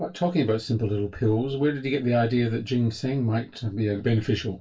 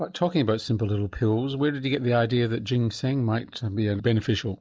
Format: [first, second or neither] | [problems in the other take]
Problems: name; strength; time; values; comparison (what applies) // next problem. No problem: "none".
second | room echo; dies away in 0.2 s